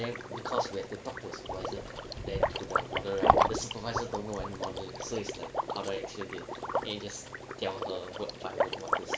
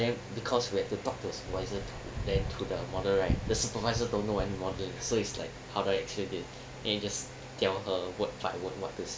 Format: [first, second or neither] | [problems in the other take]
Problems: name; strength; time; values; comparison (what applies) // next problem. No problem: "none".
second | background sound (Liquid); 5 dB above the speech